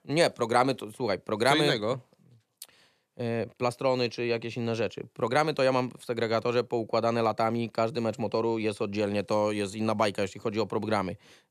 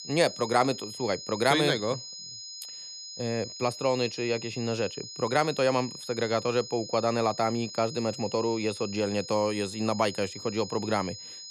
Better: first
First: none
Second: high-pitched whine; noticeable; throughout; 5 kHz, 10 dB below the speech

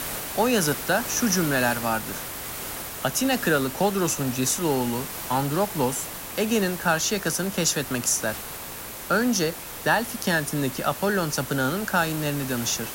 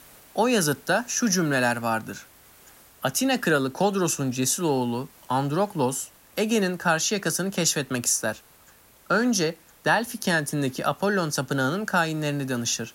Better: second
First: hiss; loud; throughout; 8 dB below the speech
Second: hiss; faint; throughout; 25 dB below the speech

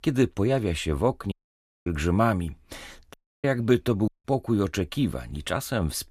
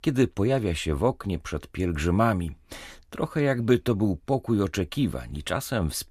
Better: second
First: audio cutting out; at 1.5 s for 0.5 s, at 3 s and at 4 s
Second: none

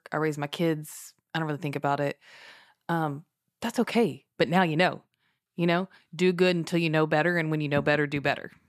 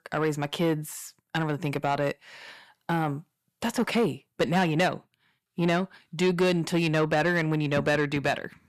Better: first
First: none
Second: distortion; slight; 10 dB below the speech

